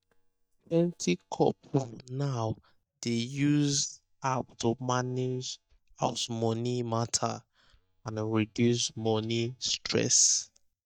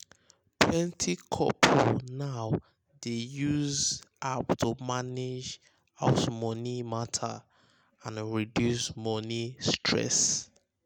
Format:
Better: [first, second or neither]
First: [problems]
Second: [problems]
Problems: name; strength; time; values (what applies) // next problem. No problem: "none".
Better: second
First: noise reduction (neural mask model DeepFilterNet 3)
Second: none